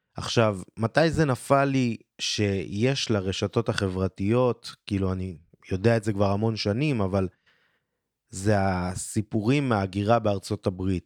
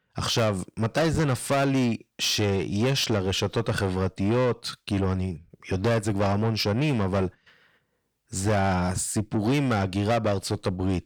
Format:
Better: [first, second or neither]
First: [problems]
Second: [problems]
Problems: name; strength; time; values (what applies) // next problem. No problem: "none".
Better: first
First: none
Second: distortion; heavy; 7 dB below the speech